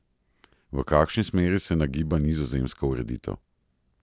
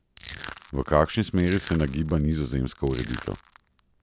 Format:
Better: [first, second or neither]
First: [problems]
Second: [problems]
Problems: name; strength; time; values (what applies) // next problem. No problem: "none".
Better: first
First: none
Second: background sound (Crushing); 17 dB below the speech